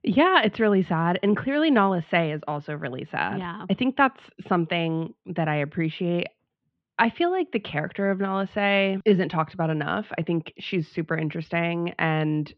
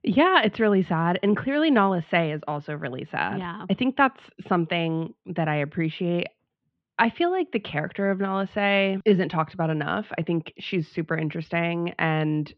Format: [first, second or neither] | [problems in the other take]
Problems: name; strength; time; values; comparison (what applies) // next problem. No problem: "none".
neither | muffled; very; fading above 3.5 kHz; the same in both